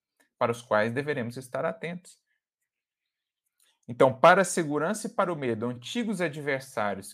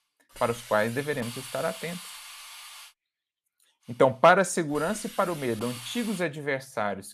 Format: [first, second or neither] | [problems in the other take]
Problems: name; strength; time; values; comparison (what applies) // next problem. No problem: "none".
first | hiss; noticeable; until 3 s and from 4 to 6 s; 15 dB below the speech